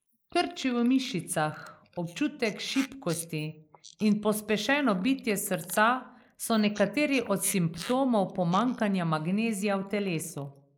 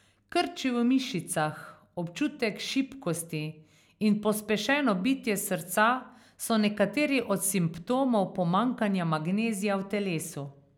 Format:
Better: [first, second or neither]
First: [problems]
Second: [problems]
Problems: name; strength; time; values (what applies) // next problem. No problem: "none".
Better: second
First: noise reduction (neural mask model Resemble Enhance denoiser)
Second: none